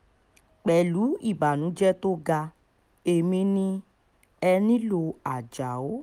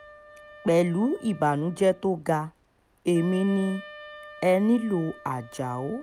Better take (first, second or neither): first